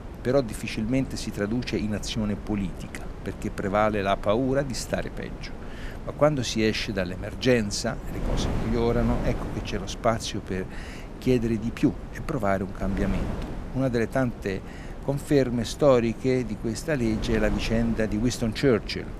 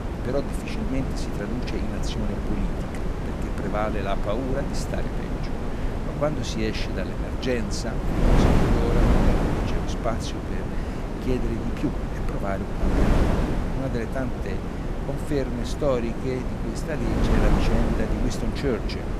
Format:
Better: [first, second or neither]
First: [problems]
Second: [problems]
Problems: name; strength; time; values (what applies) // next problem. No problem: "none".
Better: first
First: wind noise on the microphone; occasional gusts; 15 dB below the speech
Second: wind noise on the microphone; heavy; as loud as the speech